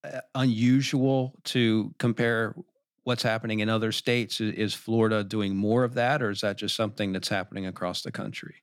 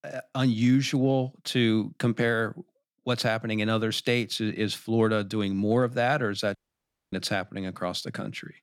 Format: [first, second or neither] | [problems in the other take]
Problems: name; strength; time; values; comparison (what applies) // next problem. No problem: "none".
first | audio cutting out; at 6.5 s for 0.5 s